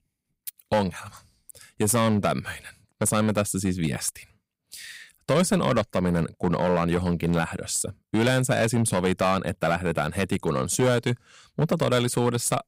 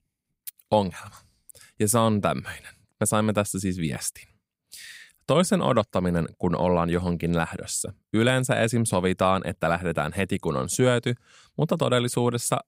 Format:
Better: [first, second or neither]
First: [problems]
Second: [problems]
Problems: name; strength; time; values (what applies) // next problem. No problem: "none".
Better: second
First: distortion; slight; 6% of the sound clipped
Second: none